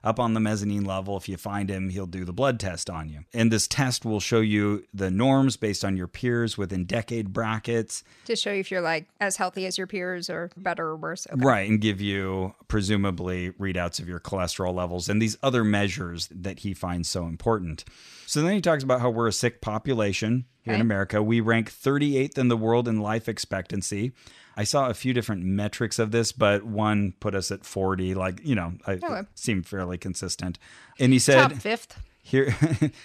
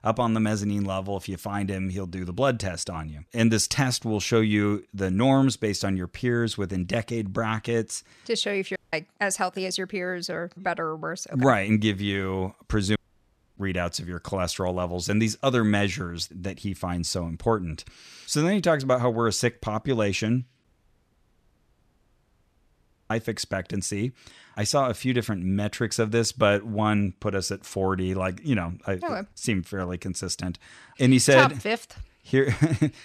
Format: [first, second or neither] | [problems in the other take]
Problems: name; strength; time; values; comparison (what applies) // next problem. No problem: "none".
first | audio cutting out; at 9 s, at 13 s for 0.5 s and at 21 s for 2.5 s